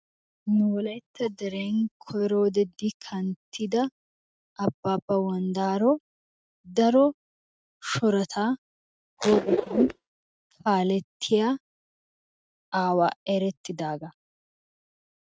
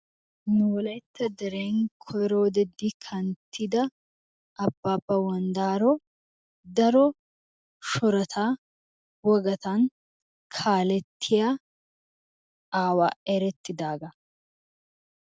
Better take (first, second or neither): second